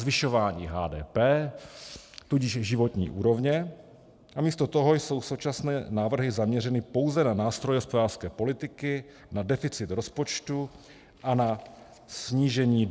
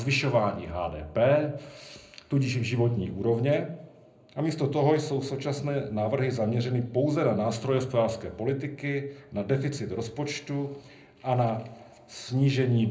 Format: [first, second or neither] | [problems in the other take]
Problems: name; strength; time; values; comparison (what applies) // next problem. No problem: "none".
first | room echo; dies away in 0.5 s